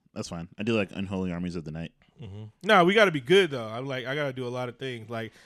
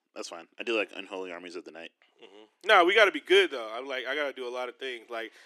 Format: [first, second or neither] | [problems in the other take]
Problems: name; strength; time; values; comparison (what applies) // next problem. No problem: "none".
first | thin; very; fading below 300 Hz